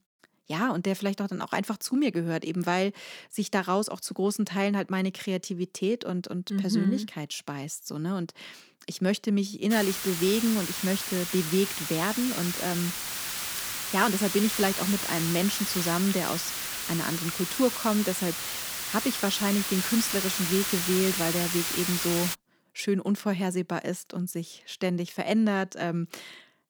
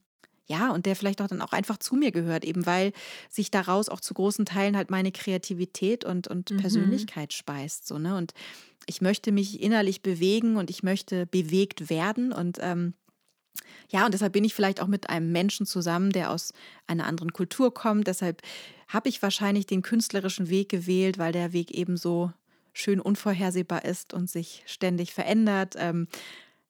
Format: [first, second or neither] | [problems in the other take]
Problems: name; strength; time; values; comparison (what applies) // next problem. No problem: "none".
second | hiss; loud; from 9.5 to 22 s; 1 dB below the speech